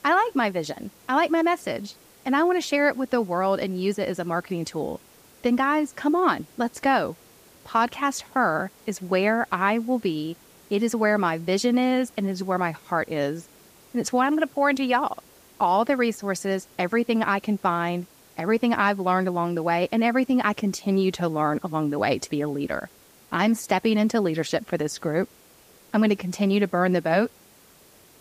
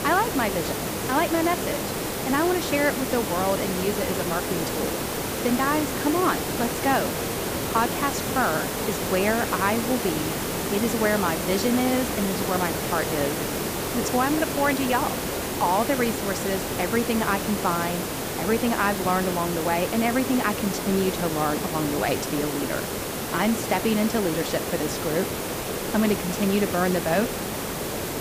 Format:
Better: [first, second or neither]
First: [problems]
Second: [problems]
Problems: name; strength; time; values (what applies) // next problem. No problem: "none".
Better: first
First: hiss; faint; throughout; 25 dB below the speech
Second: hiss; loud; throughout; 2 dB below the speech